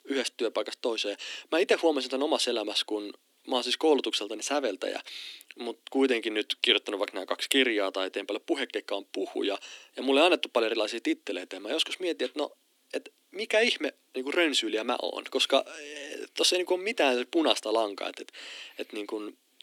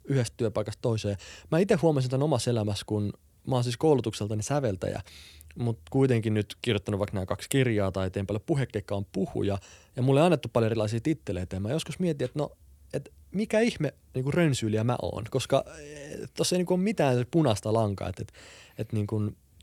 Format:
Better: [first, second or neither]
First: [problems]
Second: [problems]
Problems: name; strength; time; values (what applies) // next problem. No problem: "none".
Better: second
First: thin; somewhat; fading below 250 Hz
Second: none